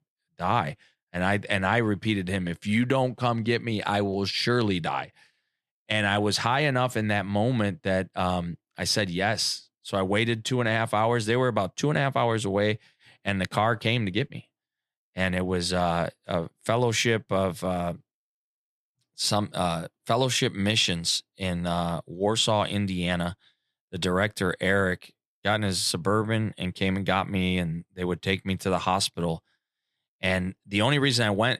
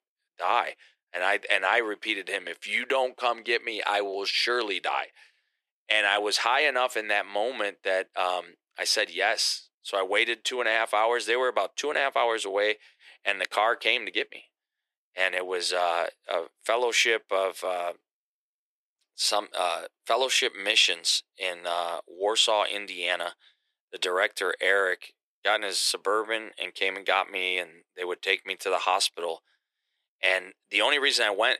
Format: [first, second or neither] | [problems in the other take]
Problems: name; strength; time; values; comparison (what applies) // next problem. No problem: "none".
first | thin; very; fading below 400 Hz